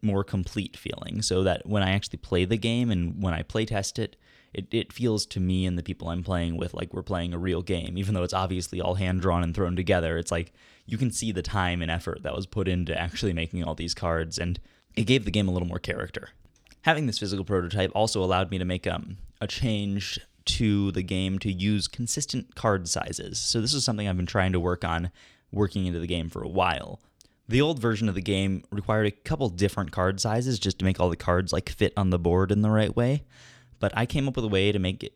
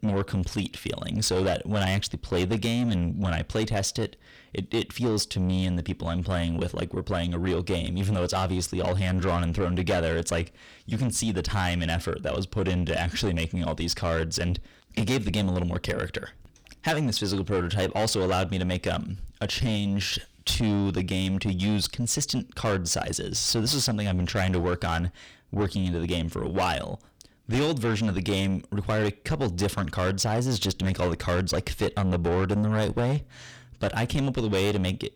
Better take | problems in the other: first | distortion; heavy; 7 dB below the speech

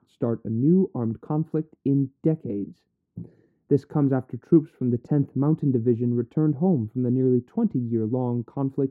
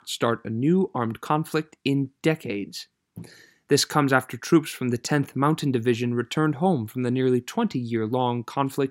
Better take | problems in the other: second | muffled; very; fading above 1 kHz

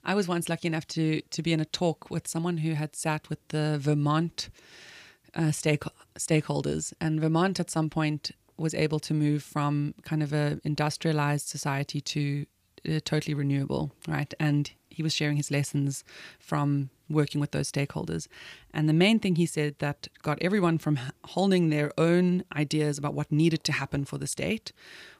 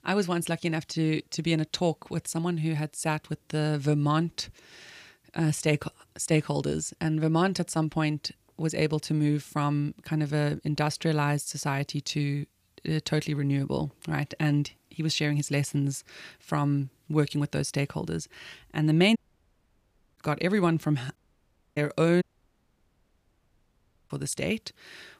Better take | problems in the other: first | audio cutting out; at 19 s for 1 s, at 21 s for 0.5 s and at 22 s for 2 s

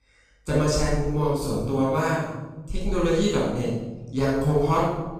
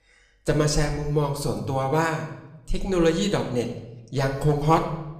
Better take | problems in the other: second | room echo; strong; dies away in 1.1 s; slight in the second // off-mic speech; far

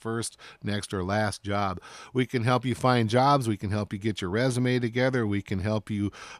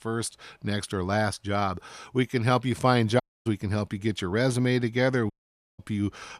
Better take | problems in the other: first | audio cutting out; at 3 s and at 5.5 s

